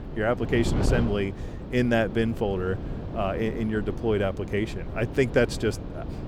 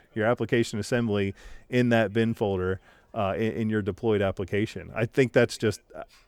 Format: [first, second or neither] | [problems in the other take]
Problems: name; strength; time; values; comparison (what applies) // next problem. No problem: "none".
second | wind noise on the microphone; occasional gusts; 10 dB below the speech